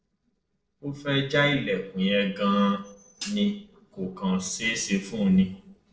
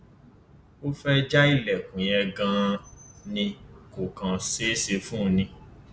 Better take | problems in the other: second | noise reduction (neural separator model SepFormer DNS4)

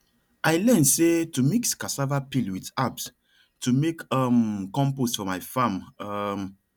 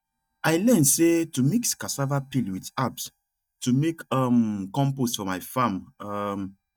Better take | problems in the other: first | noise reduction (neural mask model DeepFilterNet 3)

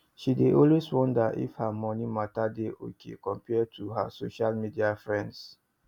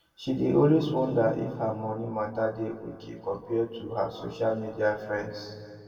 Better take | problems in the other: first | room echo; dies away in 2 s

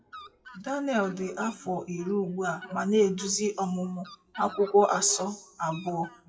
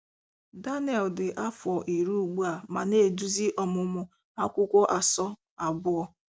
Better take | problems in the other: second | noise reduction (classical method WPE with log-MMSE)

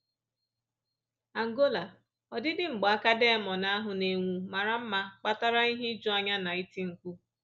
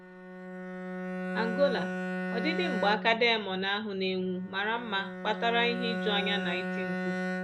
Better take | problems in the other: first | background sound (Bowed string instrument); 4 dB below the speech

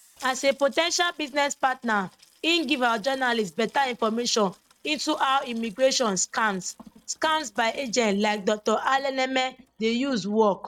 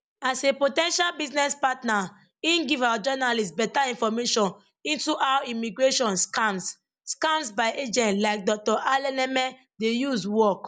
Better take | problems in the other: second | noise reduction (neural mask model RNNoise)

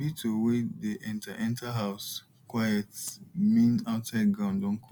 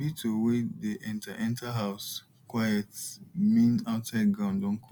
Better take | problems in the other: second | background sound (Rattle (instrument)); 18 dB below the speech

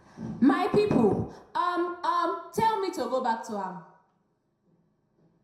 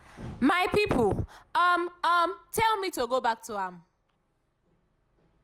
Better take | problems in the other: second | room echo; dies away in 0.6 s

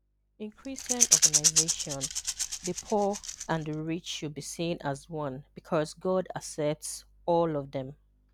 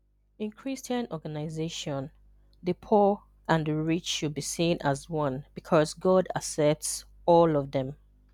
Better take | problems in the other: second | background sound (Rattle / Rattle (instrument)); 4 dB above the speech

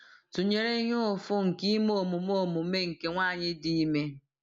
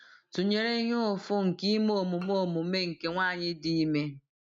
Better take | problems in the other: first | noise reduction (neural mask model RNNoise)

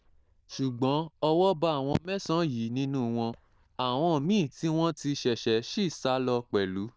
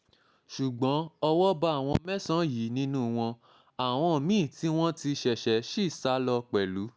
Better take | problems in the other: second | noise reduction (neural diffusion model UNIVERSE++)

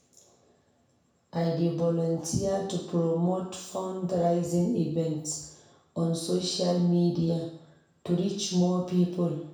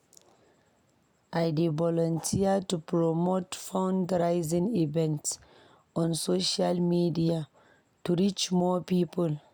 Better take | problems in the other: second | room echo; dies away in 0.6 s

